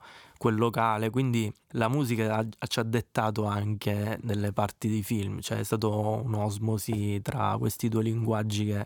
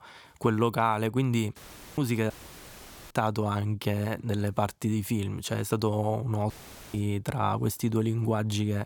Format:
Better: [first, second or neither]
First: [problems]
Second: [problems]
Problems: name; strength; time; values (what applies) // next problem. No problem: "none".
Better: first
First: none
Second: audio cutting out; filled with static; at 1.5 s, at 2.5 s for 1 s and at 6.5 s